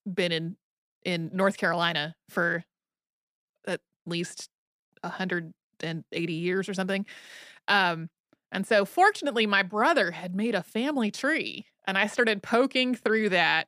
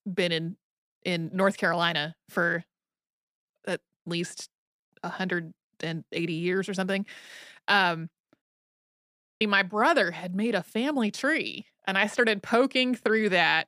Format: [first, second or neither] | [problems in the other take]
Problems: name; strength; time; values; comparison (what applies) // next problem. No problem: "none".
first | audio cutting out; at 8.5 s for 1 s